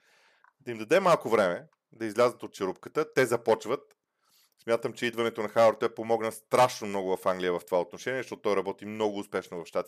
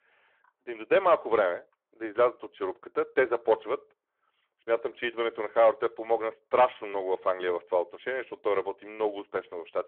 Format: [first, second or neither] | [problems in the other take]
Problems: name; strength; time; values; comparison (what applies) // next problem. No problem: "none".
first | phone-call audio